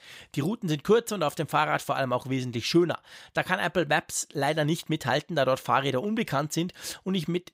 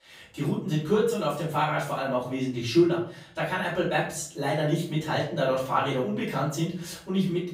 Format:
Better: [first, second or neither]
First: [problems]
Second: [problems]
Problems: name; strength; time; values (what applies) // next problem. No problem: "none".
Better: first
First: none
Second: off-mic speech; far // room echo; noticeable; dies away in 0.5 s